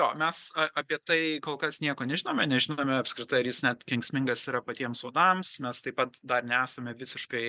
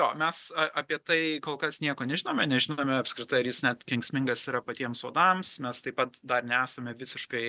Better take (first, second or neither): second